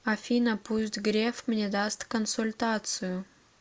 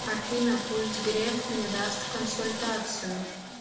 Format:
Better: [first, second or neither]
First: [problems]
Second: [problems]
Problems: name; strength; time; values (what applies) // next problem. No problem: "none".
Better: first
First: none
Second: background sound (Sawing); 5 dB below the speech // room echo; dies away in 0.8 s